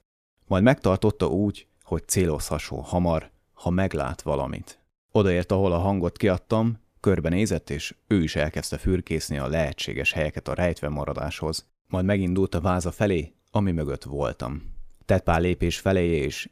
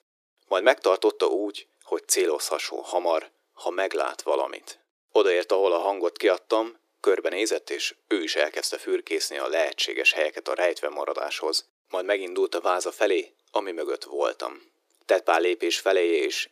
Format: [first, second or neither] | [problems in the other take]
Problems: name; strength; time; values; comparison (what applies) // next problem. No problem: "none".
first | thin; very; fading below 350 Hz